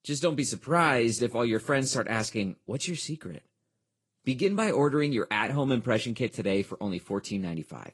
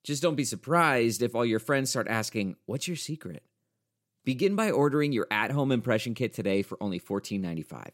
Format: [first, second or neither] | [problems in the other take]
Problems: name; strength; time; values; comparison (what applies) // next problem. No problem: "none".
second | garbled, watery; slightly; nothing above 10 kHz